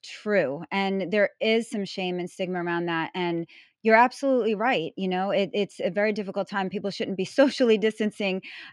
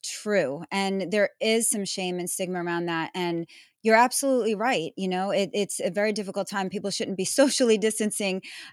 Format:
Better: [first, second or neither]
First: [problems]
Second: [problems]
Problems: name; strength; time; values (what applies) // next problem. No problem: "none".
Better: second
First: muffled; slightly; fading above 3 kHz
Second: none